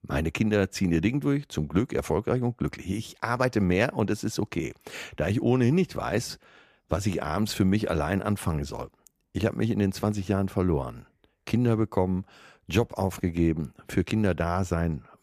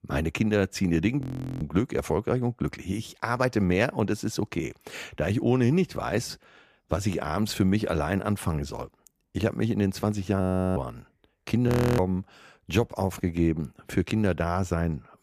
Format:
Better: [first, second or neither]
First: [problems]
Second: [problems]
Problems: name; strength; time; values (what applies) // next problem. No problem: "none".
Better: first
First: none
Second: audio freezing; at 1 s, at 10 s and at 12 s